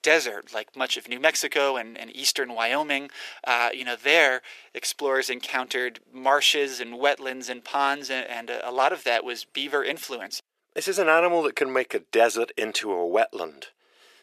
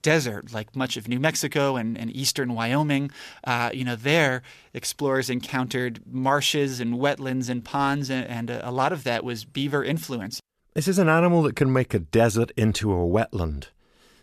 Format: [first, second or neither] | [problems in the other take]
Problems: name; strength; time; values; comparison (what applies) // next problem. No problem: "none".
second | thin; very; fading below 400 Hz